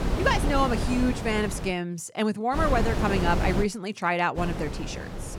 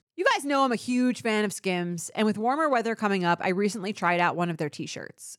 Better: second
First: wind noise on the microphone; heavy; until 1.5 s, from 2.5 to 3.5 s and from 4.5 s on; 7 dB below the speech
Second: none

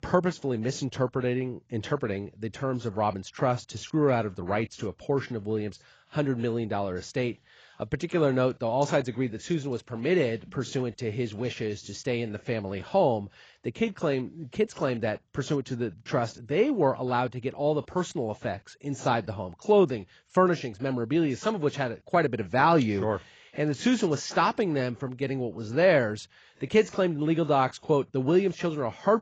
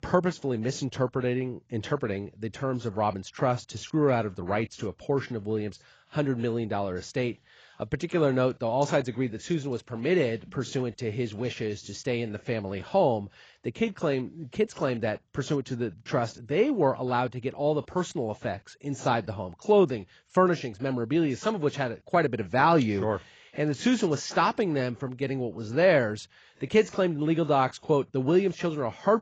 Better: neither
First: garbled, watery; badly; nothing above 7.5 kHz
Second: garbled, watery; badly; nothing above 7.5 kHz

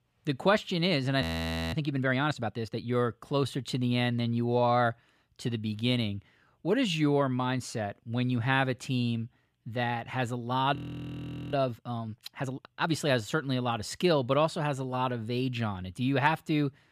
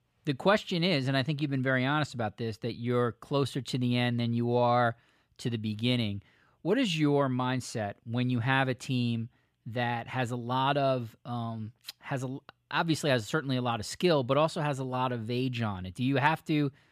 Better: second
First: audio freezing; at 1 s for 0.5 s and at 11 s for 1 s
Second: none

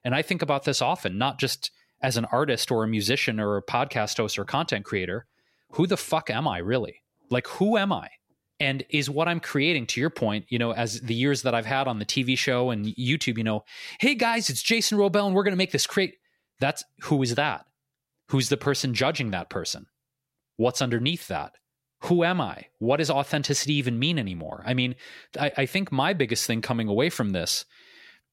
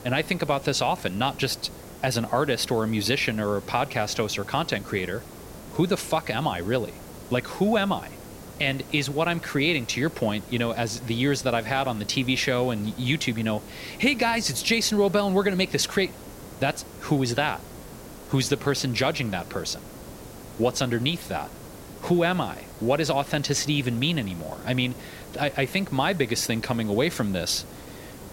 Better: first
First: none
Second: hiss; noticeable; throughout; 15 dB below the speech

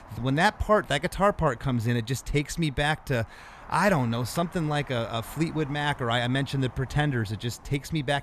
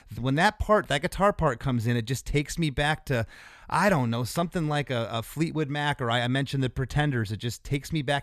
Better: second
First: wind noise on the microphone; occasional gusts; 20 dB below the speech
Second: none

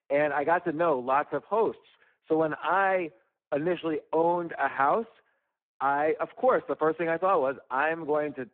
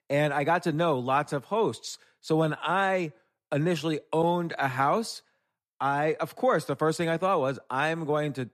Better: second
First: phone-call audio; poor line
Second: none

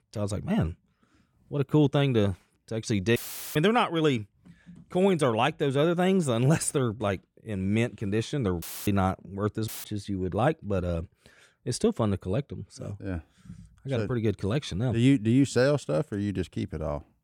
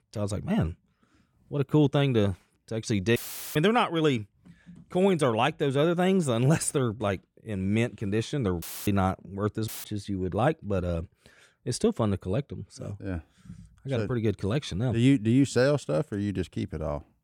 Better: neither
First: audio cutting out; filled with static; at 3 s, at 8.5 s and at 9.5 s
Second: audio cutting out; filled with static; at 3 s, at 8.5 s and at 9.5 s

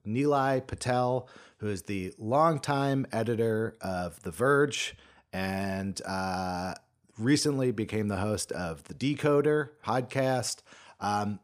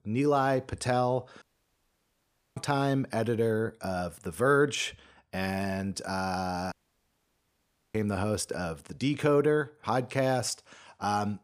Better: first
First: none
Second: audio cutting out; at 1.5 s for 1 s and at 6.5 s for 1 s

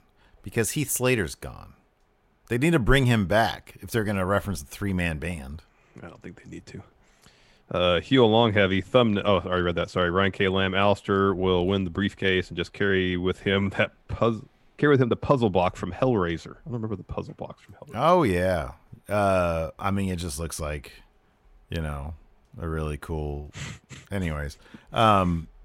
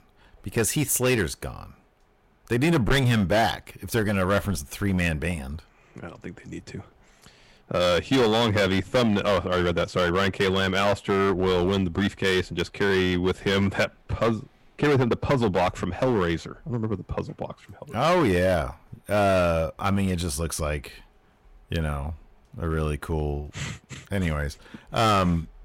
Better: first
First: none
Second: distortion; heavy; 8% of the sound clipped

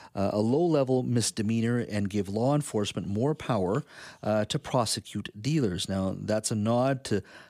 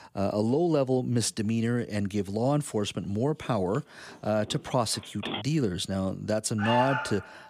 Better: first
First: none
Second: phone ringing; noticeable; from 4 to 5.5 s; peak 7 dB below the speech // alarm; loud; at 6.5 s; peak 1 dB above the speech

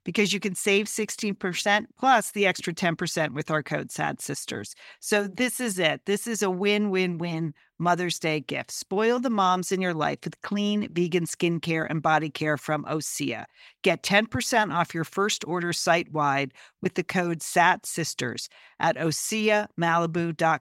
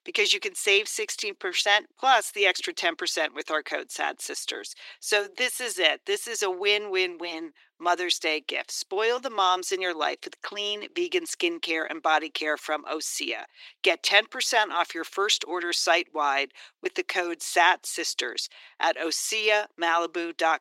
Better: first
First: none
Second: thin; very; fading below 350 Hz

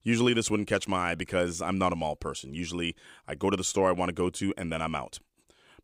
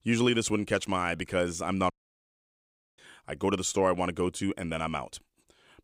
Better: first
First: none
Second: audio cutting out; at 2 s for 1 s

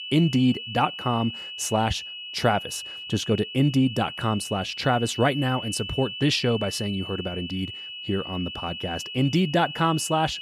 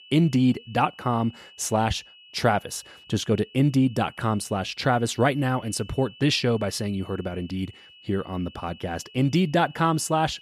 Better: second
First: high-pitched whine; loud; throughout; 3 kHz, 9 dB below the speech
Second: high-pitched whine; faint; throughout; 3 kHz, 25 dB below the speech

